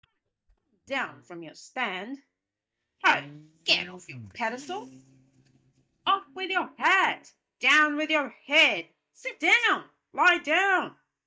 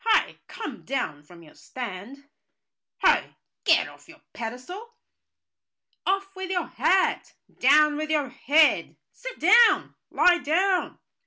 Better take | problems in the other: second | noise reduction (neural mask model DeepFilterNet 3)

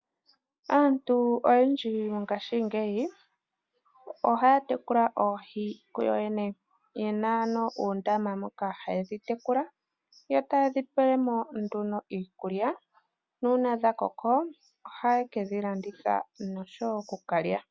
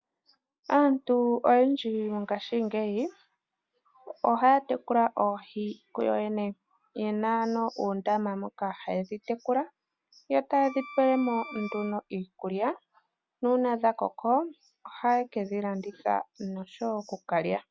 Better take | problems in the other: first | background sound (Wind instrument, woodwind instrument); 17 dB below the speech

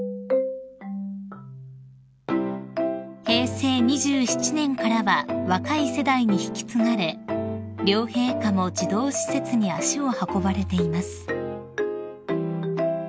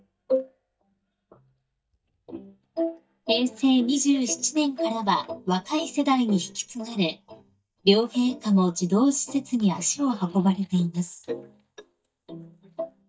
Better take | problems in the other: first | noise reduction (neural mask model DeepFilterNet 3)

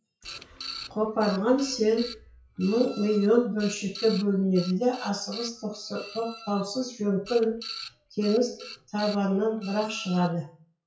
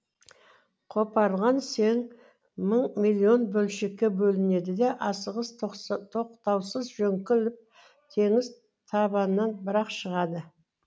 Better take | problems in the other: second | noise reduction (classical method WPE with log-MMSE)

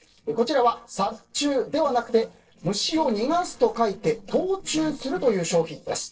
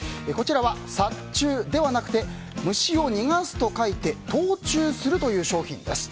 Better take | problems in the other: second | noise reduction (neural separator model SepFormer DNS4)

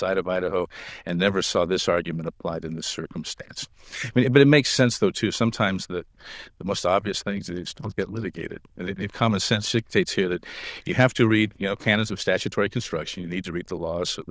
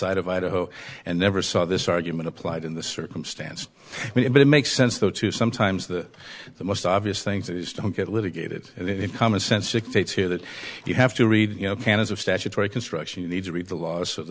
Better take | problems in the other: second | noise reduction (neural diffusion model UNIVERSE++)

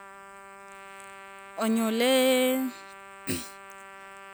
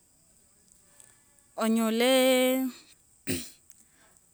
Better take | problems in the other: second | background sound (Trumpet); 16 dB below the speech

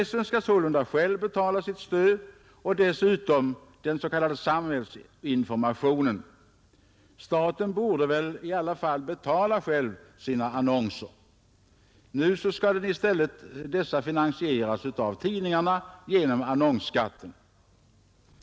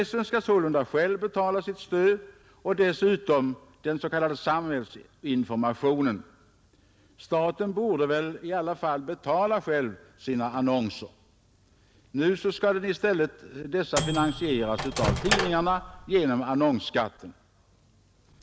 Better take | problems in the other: first | background sound (Microwave oven); 3 dB below the speech

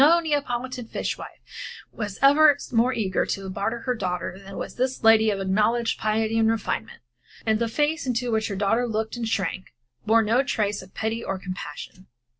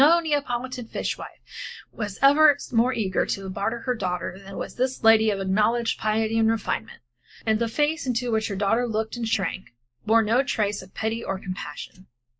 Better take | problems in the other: first | noise reduction (neural mask model Resemble Enhance denoiser)

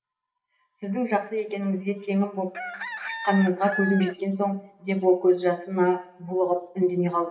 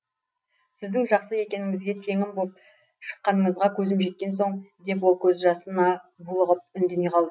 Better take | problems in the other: second | background sound (Chicken, rooster); 10 dB below the speech // room echo; dies away in 1.5 s

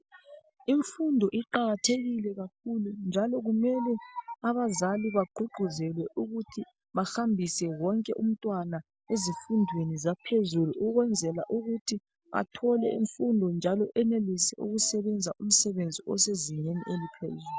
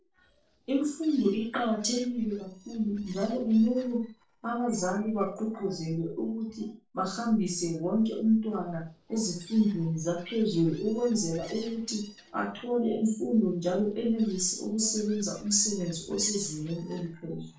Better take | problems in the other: first | noise reduction (neural separator model SepFormer DNS4)

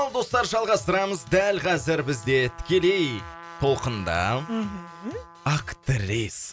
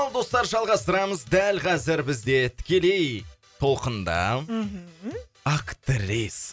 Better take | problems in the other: second | background sound (Trumpet); 20 dB below the speech

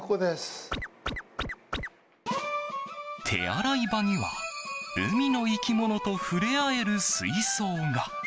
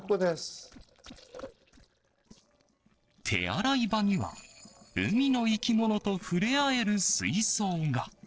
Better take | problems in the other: first | noise reduction (neural separator model SepFormer DNS4)

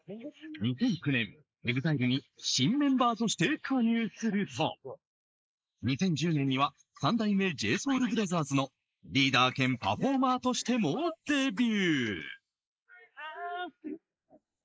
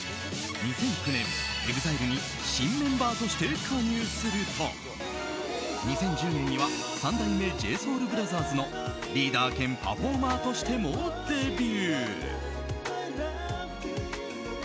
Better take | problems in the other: second | noise reduction (neural mask model Resemble Enhance denoiser)

